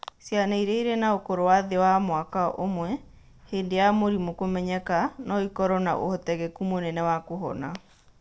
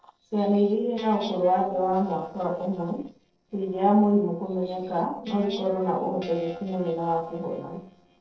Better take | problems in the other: first | noise reduction (neural separator model SepFormer DNS4)

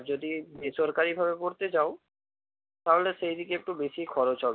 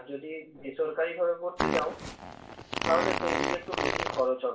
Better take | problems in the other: first | background sound (Fart); 1 dB above the speech // room echo; dies away in 0.3 s

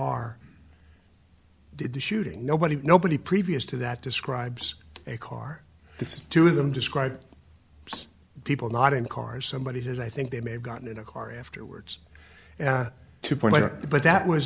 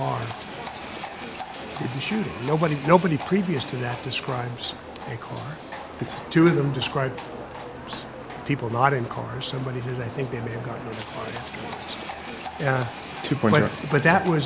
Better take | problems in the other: first | background sound (Livestock, farm animals, working animals); 10 dB below the speech

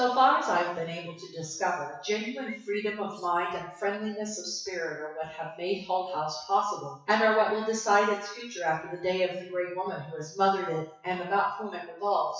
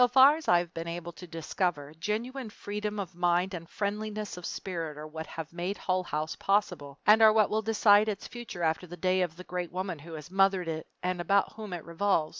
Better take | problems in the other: second | noise reduction (classical method WPE with log-MMSE)

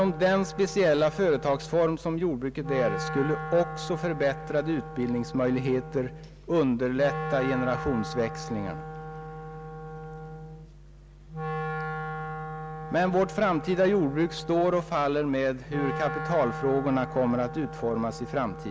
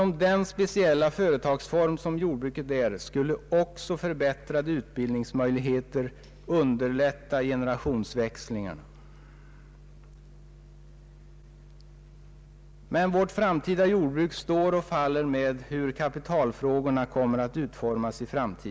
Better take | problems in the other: second | background sound (Wind instrument, woodwind instrument); 9 dB below the speech

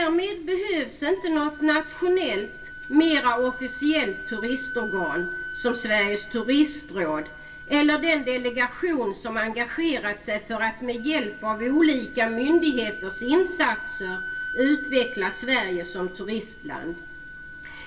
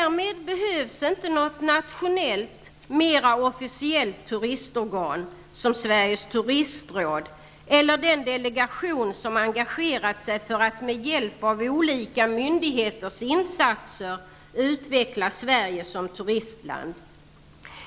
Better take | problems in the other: second | background sound (Wind instrument, woodwind instrument); 13 dB below the speech // room echo; dies away in 0.2 s

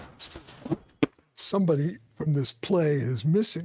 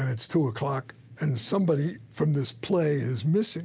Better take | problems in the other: second | noise reduction (neural mask model RNNoise)

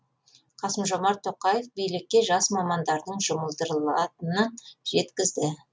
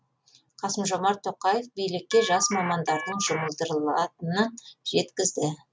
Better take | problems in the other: first | background sound (Telephone); 7 dB below the speech

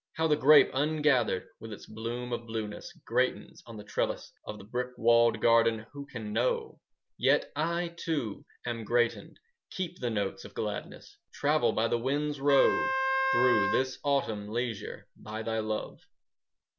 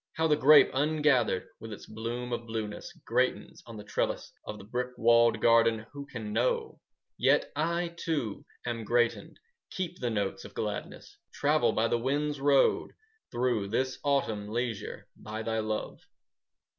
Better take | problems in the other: second | background sound (Wind instrument, woodwind instrument); as loud as the speech

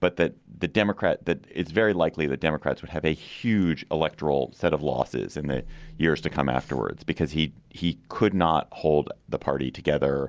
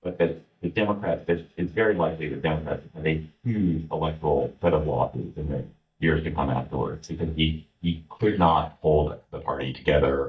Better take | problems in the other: first | noise reduction (neural mask model DeepFilterNet 3)

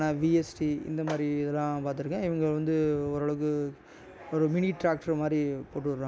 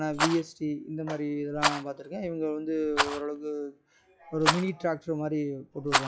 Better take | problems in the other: first | noise reduction (classical method log-MMSE)

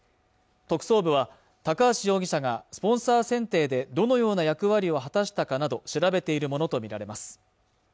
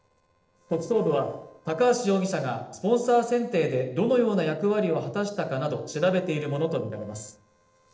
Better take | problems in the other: first | noise reduction (neural separator model SepFormer DNS4)

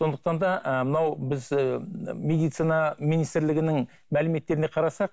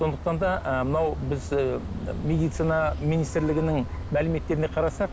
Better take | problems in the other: first | background sound (Vehicle horn, car horn, honking); 9 dB below the speech

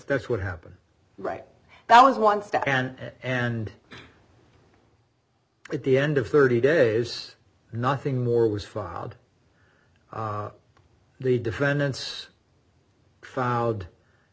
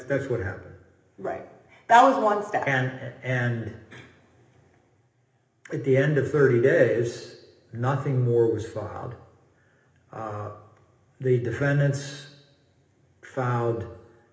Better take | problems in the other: first | room echo; dies away in 1 s

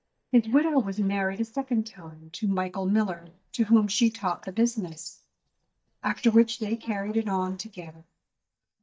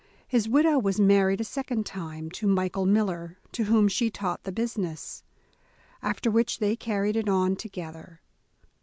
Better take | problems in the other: second | noise reduction (neural mask model DeepFilterNet 3)

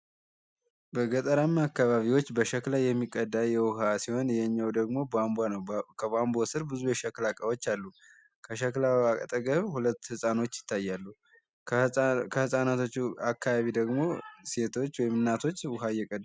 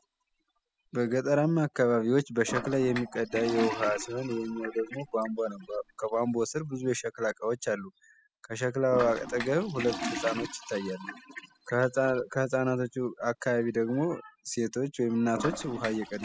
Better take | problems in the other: first | noise reduction (classical method spectral subtraction)

